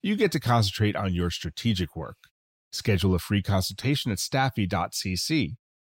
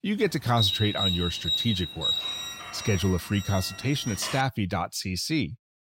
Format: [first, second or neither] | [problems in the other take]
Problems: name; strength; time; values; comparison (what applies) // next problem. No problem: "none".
first | alarm; loud; from 0.5 to 4.5 s; peak 3 dB above the speech